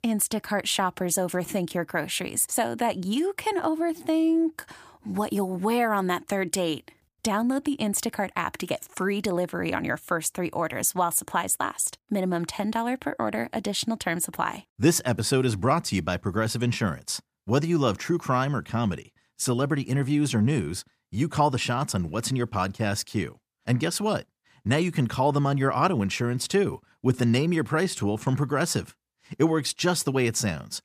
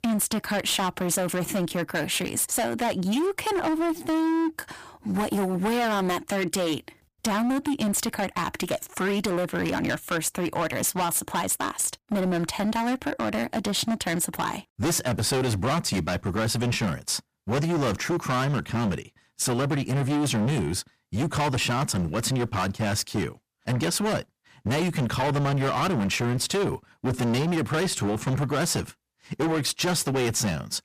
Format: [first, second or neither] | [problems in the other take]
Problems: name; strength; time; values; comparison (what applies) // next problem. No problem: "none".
first | distortion; heavy; 25% of the sound clipped